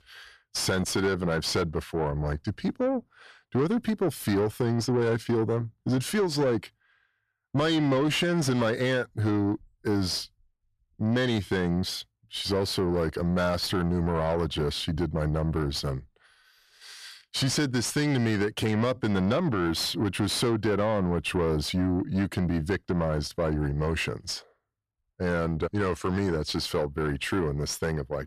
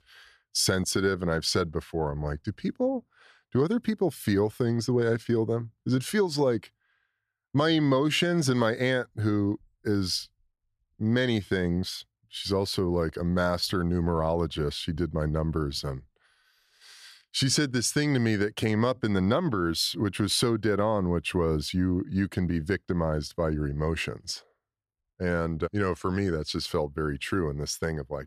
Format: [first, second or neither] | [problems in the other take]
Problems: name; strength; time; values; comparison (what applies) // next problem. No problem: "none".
second | distortion; slight; 10 dB below the speech